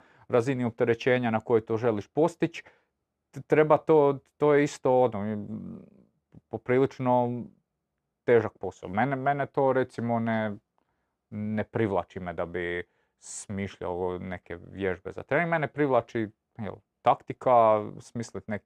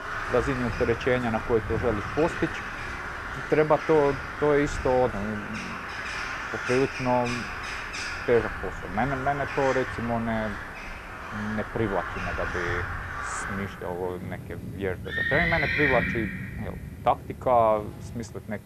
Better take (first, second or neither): first